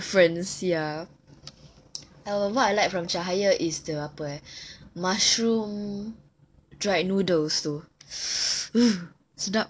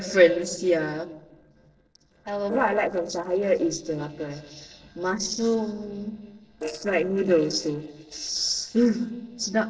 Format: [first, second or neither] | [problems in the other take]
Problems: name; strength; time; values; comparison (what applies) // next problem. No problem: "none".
first | noise reduction (neural separator model SepFormer DNS4)